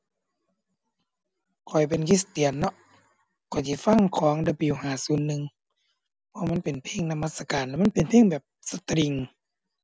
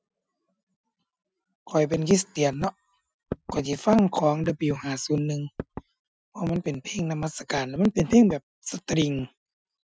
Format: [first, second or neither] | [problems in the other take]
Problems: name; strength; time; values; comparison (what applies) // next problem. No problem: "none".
first | noise reduction (classical method Wiener filter)